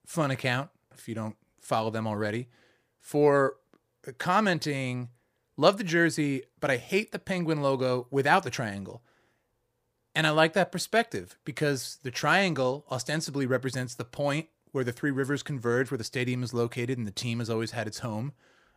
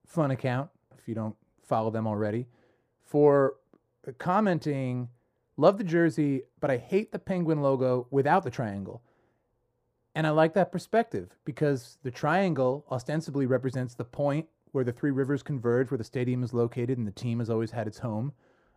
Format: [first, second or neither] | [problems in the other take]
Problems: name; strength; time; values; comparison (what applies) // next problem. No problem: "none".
first | muffled; slightly; fading above 1.5 kHz